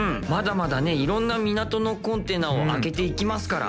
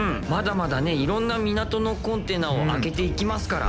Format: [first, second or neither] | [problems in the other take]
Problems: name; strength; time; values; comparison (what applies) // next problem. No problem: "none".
first | background sound (Bird); 10 dB below the speech